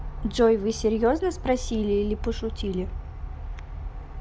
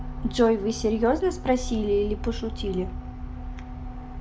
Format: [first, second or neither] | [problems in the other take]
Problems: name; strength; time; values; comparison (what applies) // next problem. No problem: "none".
first | background sound (Wind instrument, woodwind instrument); 17 dB below the speech // room echo; dies away in 0.3 s